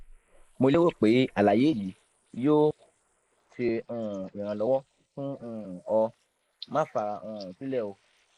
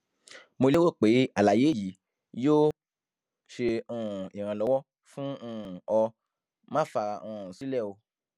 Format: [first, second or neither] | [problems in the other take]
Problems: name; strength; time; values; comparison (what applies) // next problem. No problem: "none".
second | noise reduction (neural mask model Resemble Enhance denoiser)